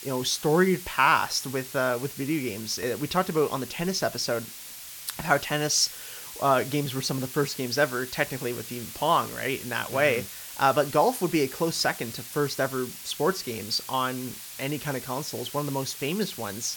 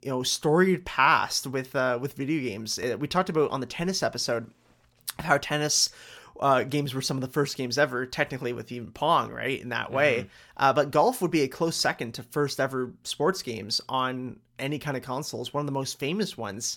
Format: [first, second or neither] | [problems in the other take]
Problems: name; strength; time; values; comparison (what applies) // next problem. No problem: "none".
second | hiss; noticeable; throughout; 10 dB below the speech